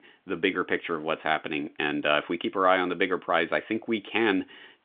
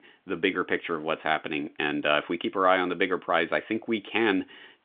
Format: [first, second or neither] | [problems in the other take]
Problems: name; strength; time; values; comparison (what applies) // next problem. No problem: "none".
neither | phone-call audio; nothing above 3 kHz; the same in both